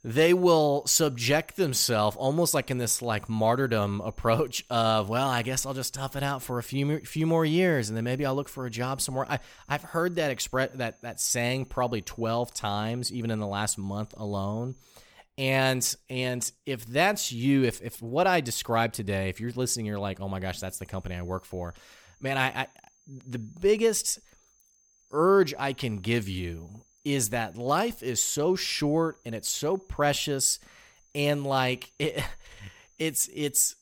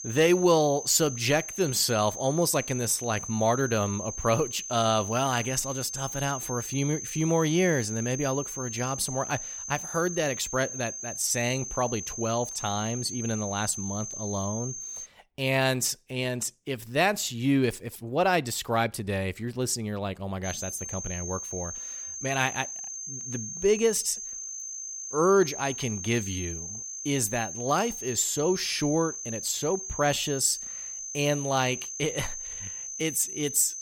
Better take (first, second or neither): first